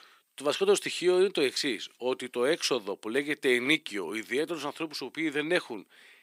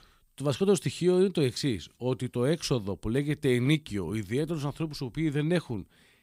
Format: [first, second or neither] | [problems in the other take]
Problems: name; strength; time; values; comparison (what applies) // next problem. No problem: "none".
second | thin; somewhat; fading below 350 Hz